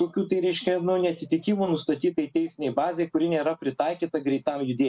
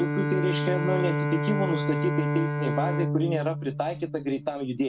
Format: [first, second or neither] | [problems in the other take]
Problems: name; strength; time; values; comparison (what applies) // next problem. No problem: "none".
first | background sound (Bowed string instrument); as loud as the speech